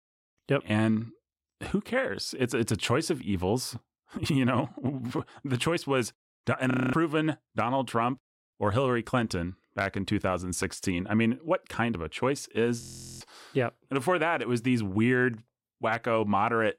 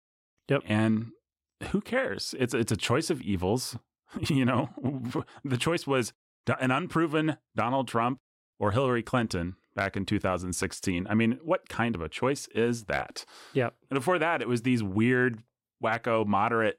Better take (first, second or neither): second